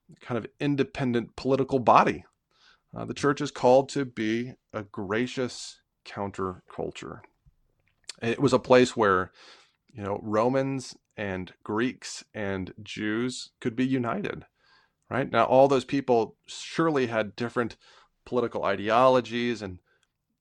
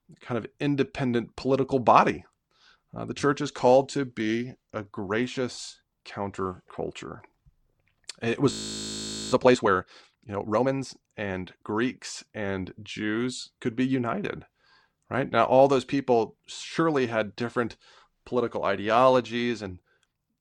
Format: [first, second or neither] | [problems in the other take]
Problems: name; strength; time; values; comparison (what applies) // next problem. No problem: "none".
first | audio freezing; at 8.5 s for 1 s